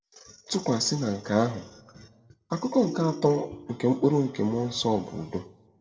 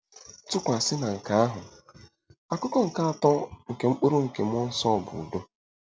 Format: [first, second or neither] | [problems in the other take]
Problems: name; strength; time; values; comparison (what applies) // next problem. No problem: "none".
second | background sound (Ringtone); 13 dB below the speech // room echo; dies away in 0.5 s